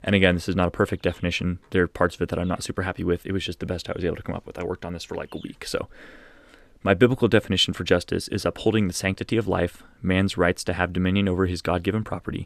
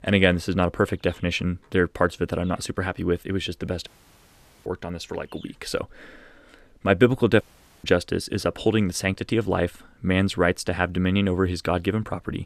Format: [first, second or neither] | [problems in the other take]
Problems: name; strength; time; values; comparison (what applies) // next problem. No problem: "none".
first | audio cutting out; at 4 s for 1 s and at 7.5 s